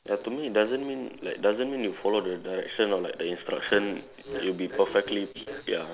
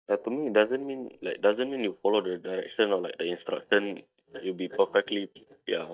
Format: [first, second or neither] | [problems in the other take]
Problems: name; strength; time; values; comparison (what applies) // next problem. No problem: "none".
first | noise reduction (neural mask model DeepFilterNet 3)